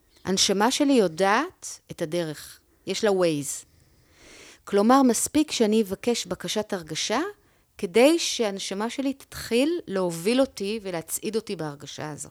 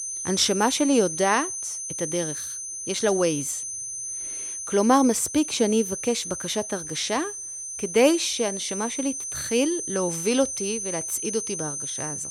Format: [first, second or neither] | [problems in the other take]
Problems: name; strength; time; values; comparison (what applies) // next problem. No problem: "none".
first | high-pitched whine; loud; throughout; 6 kHz, 5 dB below the speech